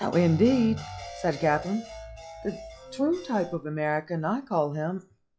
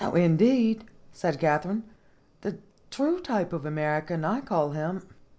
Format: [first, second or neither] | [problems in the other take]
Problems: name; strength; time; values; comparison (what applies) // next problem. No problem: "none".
second | noise reduction (classical method log-MMSE)